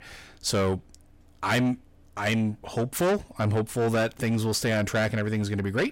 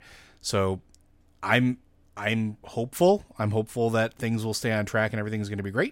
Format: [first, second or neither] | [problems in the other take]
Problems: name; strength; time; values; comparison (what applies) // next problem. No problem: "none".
second | distortion; heavy; 7 dB below the speech